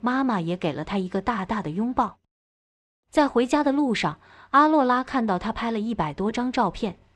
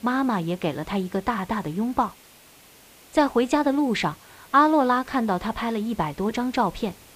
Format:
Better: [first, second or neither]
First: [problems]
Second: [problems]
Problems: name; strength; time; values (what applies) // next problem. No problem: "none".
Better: first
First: none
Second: hiss; faint; throughout; 25 dB below the speech